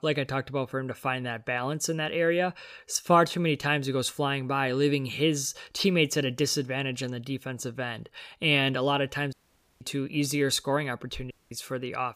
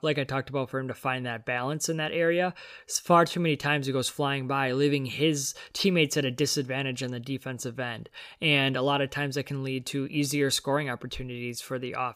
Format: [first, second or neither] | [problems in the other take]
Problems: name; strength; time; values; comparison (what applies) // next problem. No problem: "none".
second | audio cutting out; at 9.5 s and at 11 s